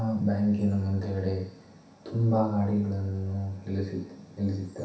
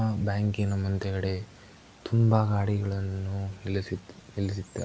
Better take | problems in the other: second | room echo; dies away in 0.7 s

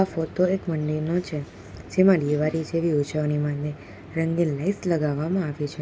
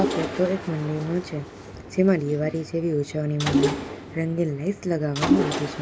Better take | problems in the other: first | background sound (Mechanisms); 3 dB below the speech

